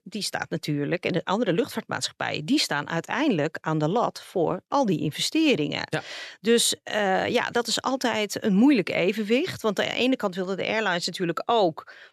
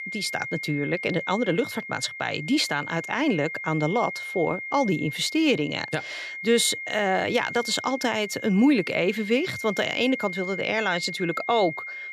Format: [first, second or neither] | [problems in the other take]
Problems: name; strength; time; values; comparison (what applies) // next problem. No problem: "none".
first | high-pitched whine; loud; throughout; 2 kHz, 8 dB below the speech